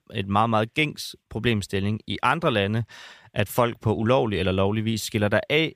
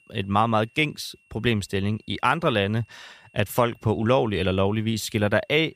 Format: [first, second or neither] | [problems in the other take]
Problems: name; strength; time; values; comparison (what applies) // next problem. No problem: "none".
first | high-pitched whine; faint; throughout; 2.5 kHz, 35 dB below the speech